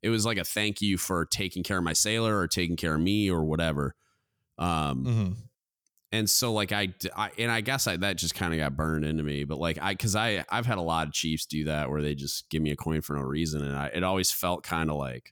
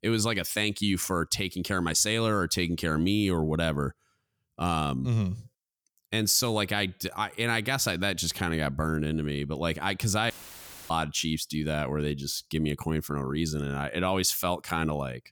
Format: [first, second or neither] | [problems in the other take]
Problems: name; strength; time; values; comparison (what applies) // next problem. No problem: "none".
first | audio cutting out; filled with static; at 10 s for 0.5 s